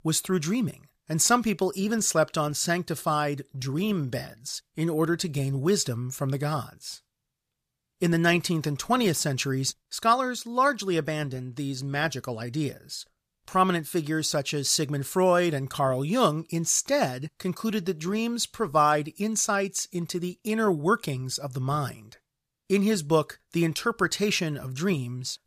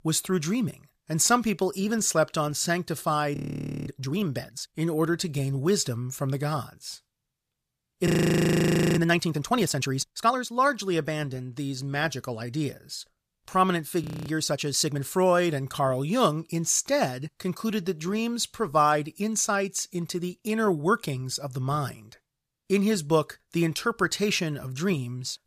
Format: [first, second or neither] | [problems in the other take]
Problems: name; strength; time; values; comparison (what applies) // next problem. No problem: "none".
first | audio freezing; at 3.5 s for 0.5 s, at 8 s for 1 s and at 14 s